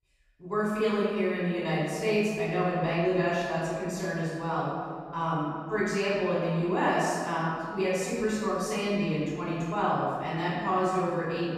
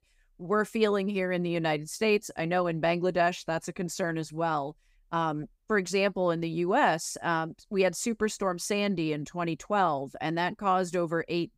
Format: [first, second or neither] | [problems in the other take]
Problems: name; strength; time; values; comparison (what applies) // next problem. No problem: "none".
second | off-mic speech; far // room echo; strong; dies away in 2.3 s